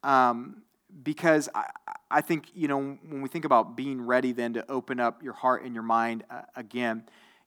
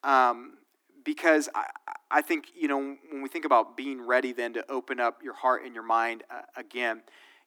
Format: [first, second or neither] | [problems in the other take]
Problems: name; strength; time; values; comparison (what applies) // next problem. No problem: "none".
first | thin; very slightly; fading below 300 Hz